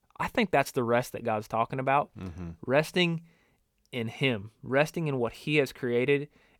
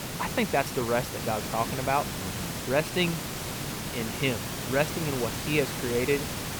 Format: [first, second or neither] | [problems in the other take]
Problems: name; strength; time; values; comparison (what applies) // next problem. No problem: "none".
first | hiss; loud; throughout; 4 dB below the speech